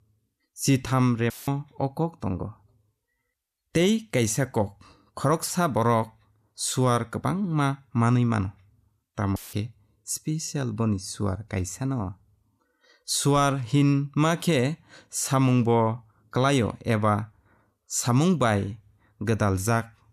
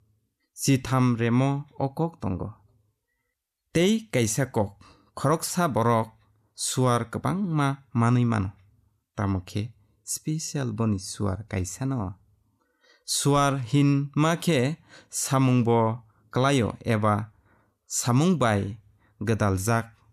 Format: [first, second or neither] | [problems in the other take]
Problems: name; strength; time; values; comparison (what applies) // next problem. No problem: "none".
second | audio cutting out; filled with static; at 1.5 s and at 9.5 s